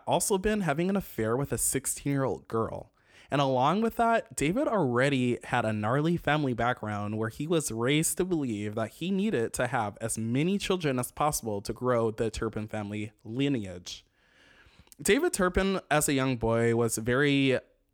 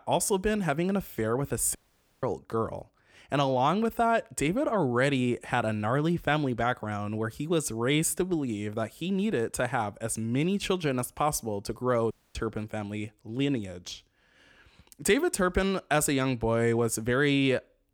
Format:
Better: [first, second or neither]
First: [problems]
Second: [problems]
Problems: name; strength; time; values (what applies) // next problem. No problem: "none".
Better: first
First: none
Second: audio cutting out; at 2 s and at 12 s